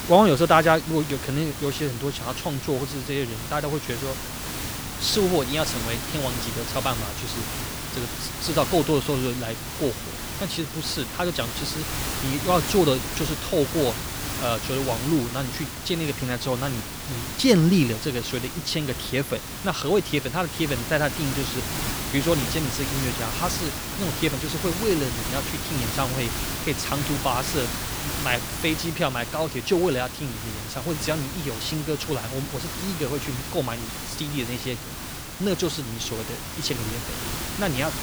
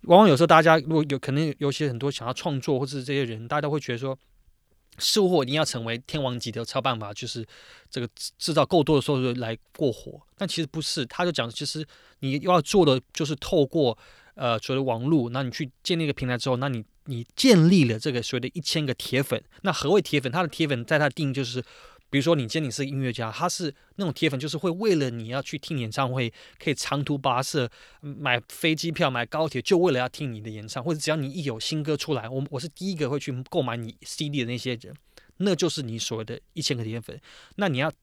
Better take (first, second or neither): second